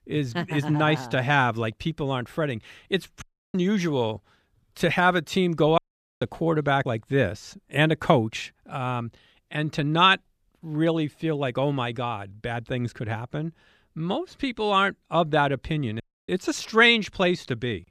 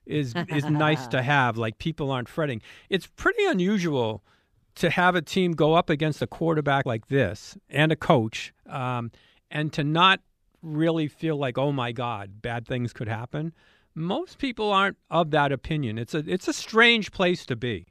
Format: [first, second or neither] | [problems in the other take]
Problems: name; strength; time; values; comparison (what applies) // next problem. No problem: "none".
second | audio cutting out; at 3 s, at 6 s and at 16 s